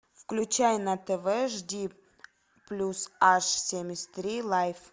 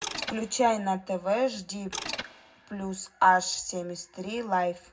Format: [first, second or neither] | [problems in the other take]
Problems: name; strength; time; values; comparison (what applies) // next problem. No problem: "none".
first | background sound (Mechanisms); 13 dB below the speech // room echo; dies away in 0.3 s